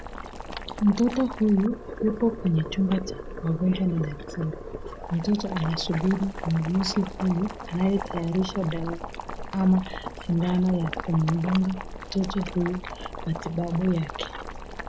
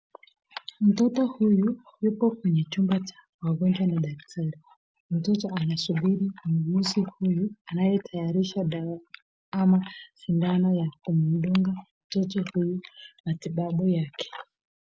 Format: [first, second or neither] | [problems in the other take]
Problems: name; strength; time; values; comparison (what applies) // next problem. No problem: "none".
second | background sound (Boiling); 10 dB below the speech